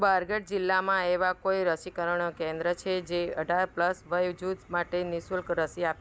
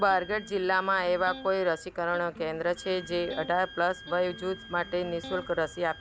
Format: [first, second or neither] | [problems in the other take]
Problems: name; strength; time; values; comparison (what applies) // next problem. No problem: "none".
first | background sound (Wind instrument, woodwind instrument + Electric guitar); 16 dB below the speech